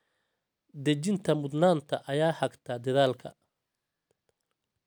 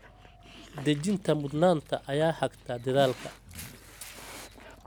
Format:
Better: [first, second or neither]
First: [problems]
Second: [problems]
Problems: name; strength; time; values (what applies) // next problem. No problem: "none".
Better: first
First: none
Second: background sound (Dog); 17 dB below the speech